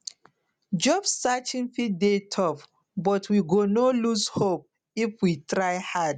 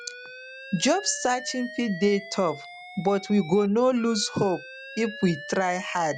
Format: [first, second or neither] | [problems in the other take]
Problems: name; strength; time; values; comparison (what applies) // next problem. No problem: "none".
first | background sound (Alarm); 15 dB below the speech